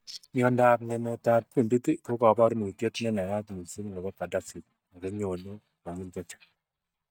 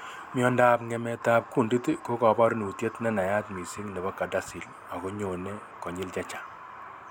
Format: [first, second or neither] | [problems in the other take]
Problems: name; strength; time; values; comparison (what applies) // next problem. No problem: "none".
second | noise reduction (neural mask model DeepFilterNet 3)